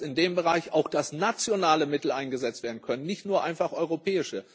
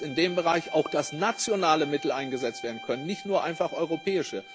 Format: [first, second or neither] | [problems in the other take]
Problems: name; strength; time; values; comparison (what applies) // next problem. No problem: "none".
first | background sound (Bowed string instrument); 15 dB below the speech